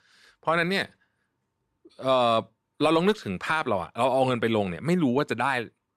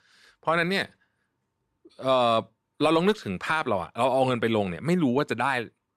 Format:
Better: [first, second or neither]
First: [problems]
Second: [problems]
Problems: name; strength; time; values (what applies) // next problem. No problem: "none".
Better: neither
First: none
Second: none